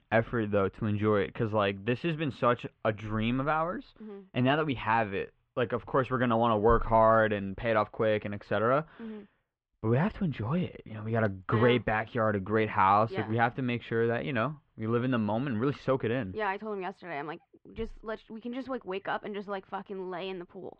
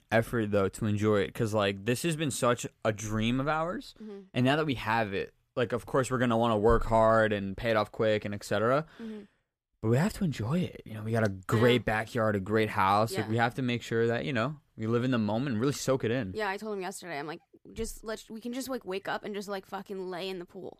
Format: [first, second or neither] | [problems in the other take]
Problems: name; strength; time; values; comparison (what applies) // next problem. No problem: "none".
second | muffled; very; fading above 3 kHz